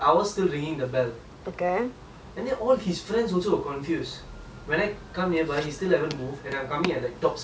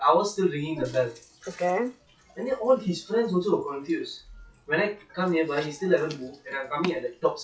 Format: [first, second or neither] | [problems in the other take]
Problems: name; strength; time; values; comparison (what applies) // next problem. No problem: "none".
first | noise reduction (classical method log-MMSE)